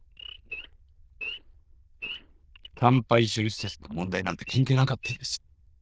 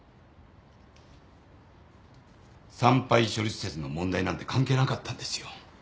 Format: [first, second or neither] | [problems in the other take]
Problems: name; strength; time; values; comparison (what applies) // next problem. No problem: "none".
second | noise reduction (neural diffusion model UNIVERSE++)